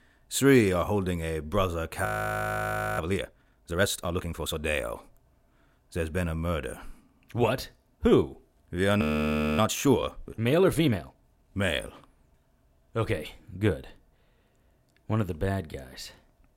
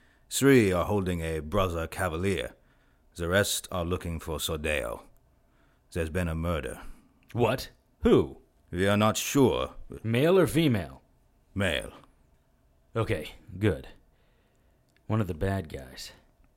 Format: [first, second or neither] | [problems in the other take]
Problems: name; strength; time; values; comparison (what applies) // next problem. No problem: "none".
second | audio freezing; at 2 s for 1 s and at 9 s for 0.5 s